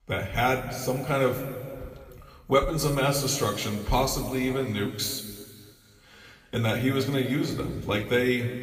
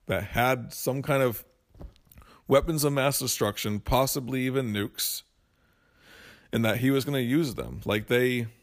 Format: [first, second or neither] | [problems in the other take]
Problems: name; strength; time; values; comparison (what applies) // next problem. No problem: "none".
second | room echo; noticeable; dies away in 1.9 s // off-mic speech; somewhat distant